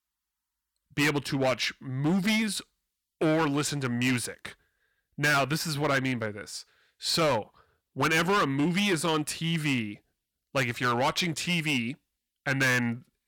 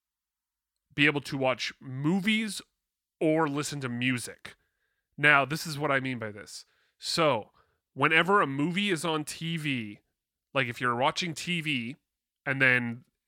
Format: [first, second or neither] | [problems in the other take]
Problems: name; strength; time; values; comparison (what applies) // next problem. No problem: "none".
second | distortion; heavy; 9% of the sound clipped